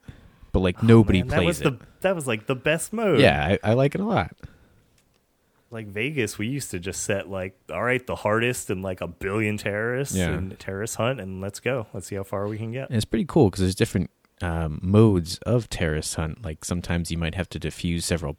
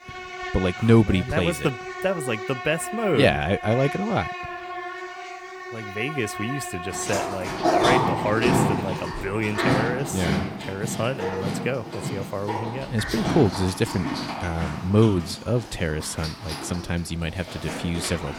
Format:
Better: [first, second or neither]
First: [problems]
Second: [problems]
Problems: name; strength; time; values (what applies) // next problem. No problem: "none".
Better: first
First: none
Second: animal sounds; loud; throughout; 3 dB below the speech